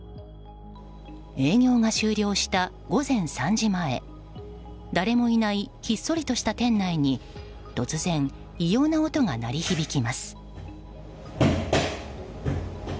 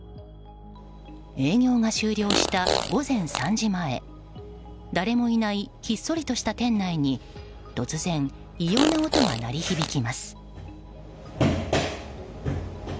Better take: first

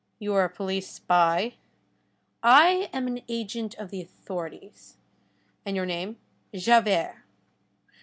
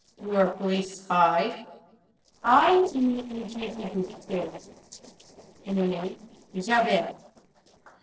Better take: first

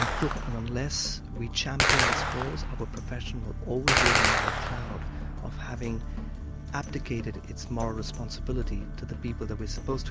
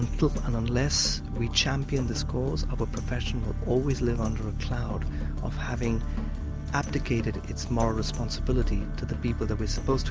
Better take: second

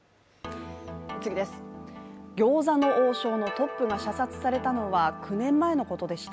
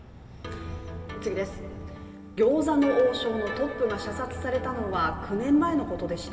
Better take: first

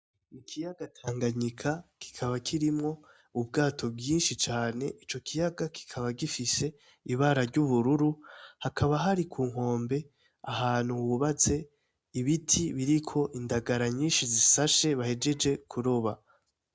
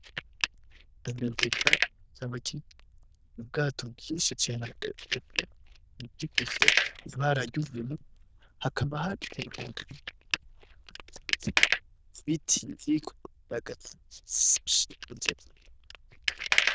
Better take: first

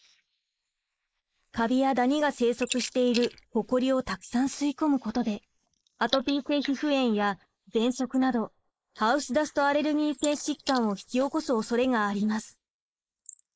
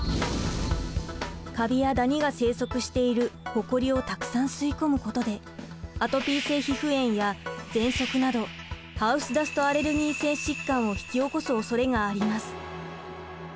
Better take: second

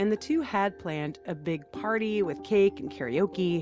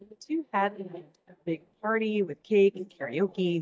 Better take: first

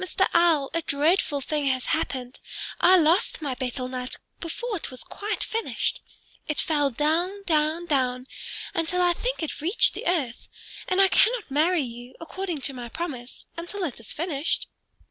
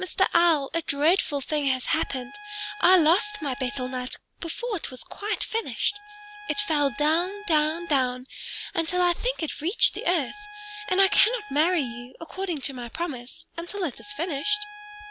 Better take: first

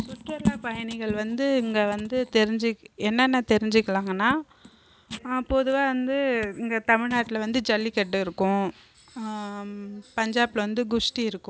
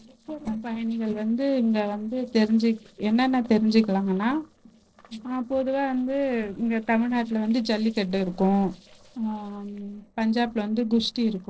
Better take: first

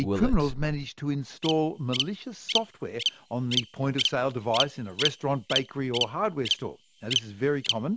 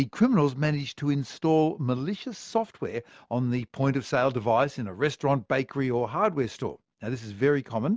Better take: second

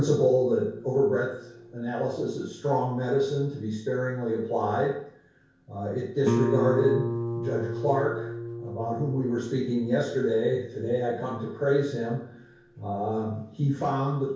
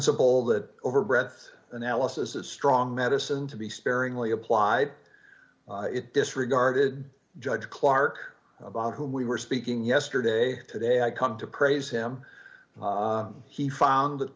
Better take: second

